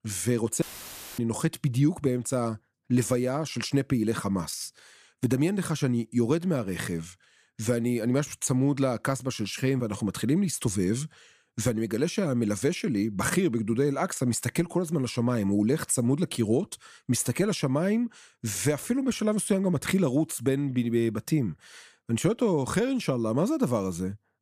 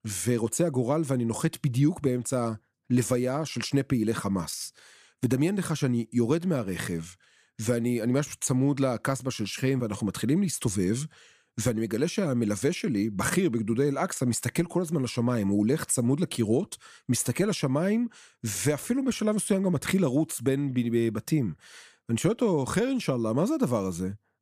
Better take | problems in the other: second | audio cutting out; filled with static; at 0.5 s for 0.5 s

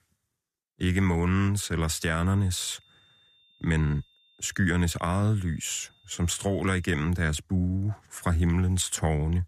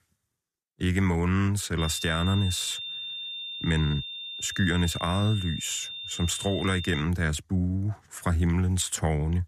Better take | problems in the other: first | high-pitched whine; loud; from 2 to 7 s; 3.5 kHz, 7 dB below the speech; faint in the first

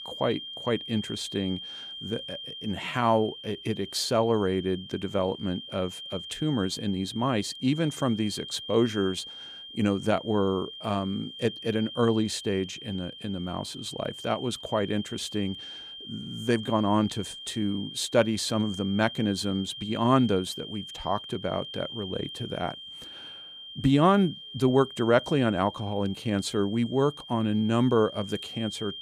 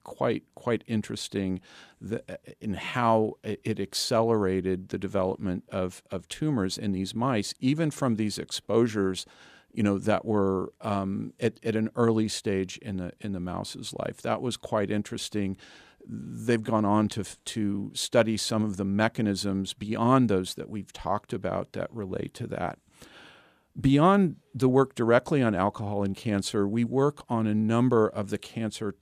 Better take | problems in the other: second | high-pitched whine; noticeable; throughout; 3 kHz, 10 dB below the speech

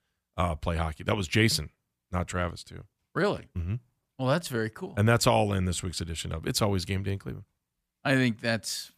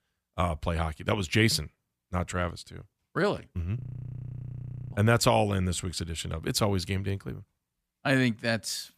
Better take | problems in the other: first | audio freezing; at 4 s for 1 s

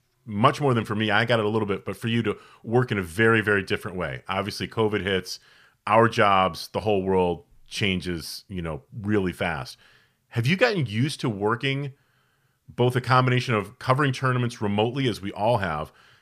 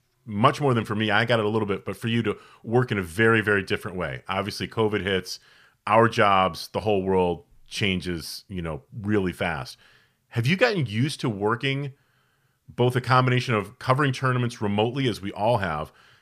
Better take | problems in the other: neither | none

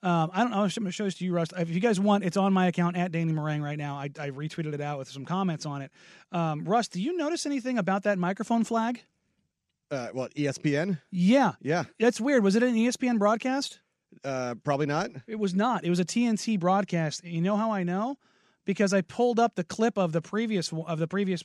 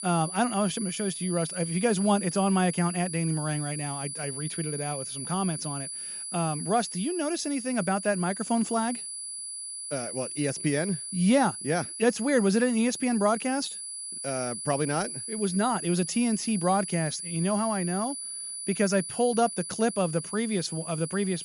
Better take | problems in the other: first | high-pitched whine; loud; throughout; 10 kHz, 6 dB below the speech

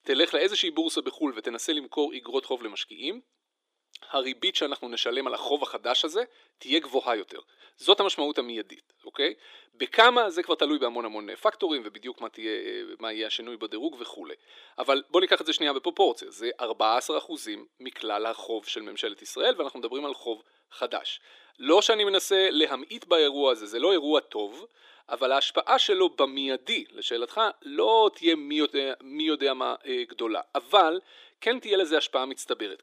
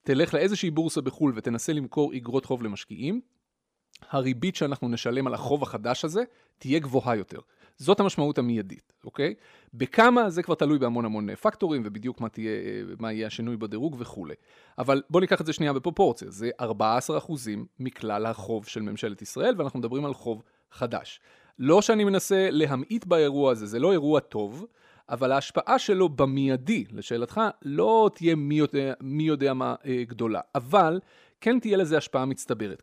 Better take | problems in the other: second | thin; somewhat; fading below 300 Hz

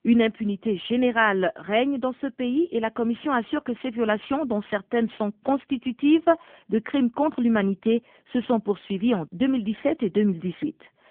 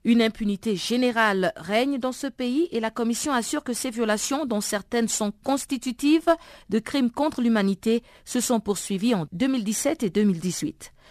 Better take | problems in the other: second | phone-call audio; nothing above 3.5 kHz

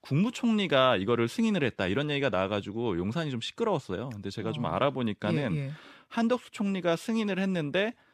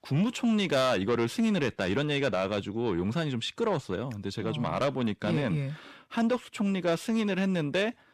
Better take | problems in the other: first | distortion; slight; 10 dB below the speech

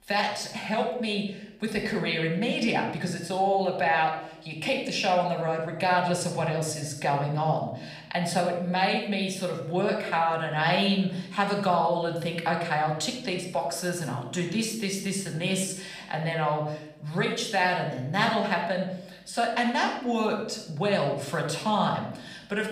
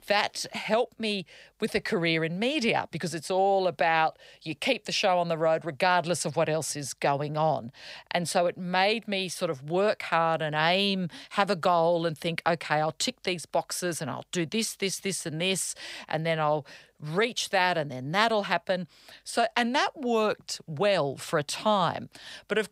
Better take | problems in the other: second | room echo; noticeable; dies away in 0.7 s // off-mic speech; somewhat distant

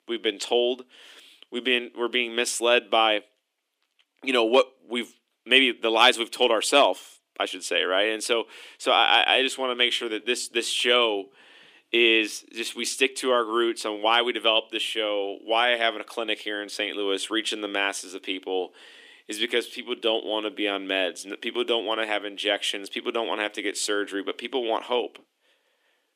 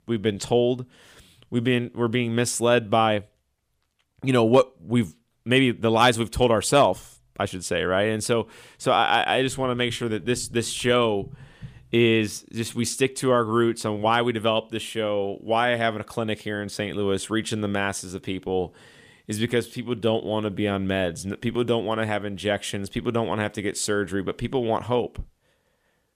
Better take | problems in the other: second | thin; somewhat; fading below 300 Hz

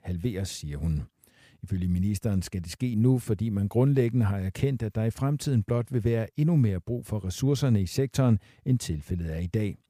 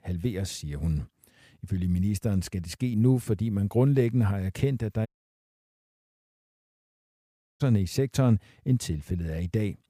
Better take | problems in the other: first | audio cutting out; at 5 s for 2.5 s

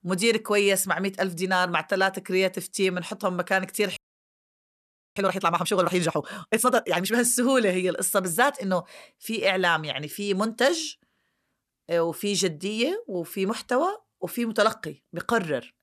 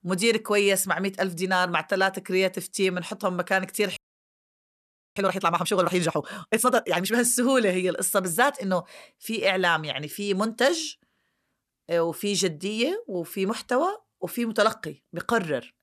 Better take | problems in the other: neither | audio freezing; at 4 s for 1 s; the same in both

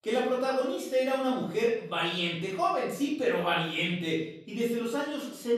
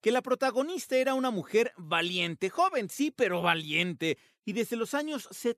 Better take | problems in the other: second | off-mic speech; far // room echo; noticeable; dies away in 0.6 s

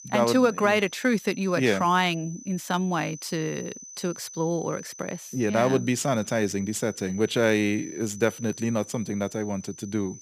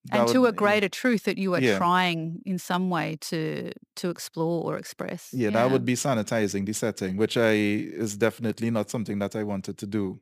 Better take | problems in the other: second | high-pitched whine; noticeable; throughout; 6 kHz, 15 dB below the speech

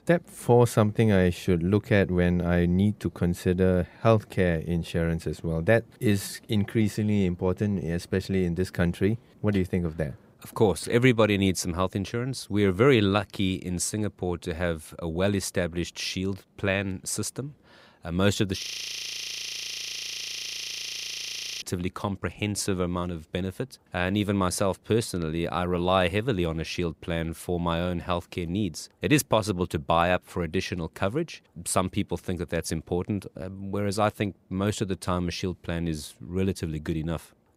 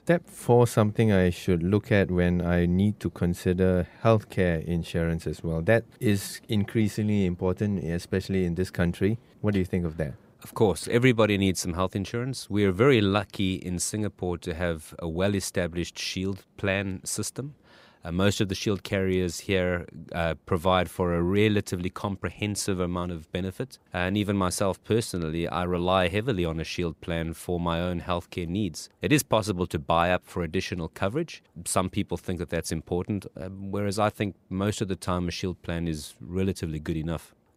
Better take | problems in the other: second | audio freezing; at 19 s for 3 s

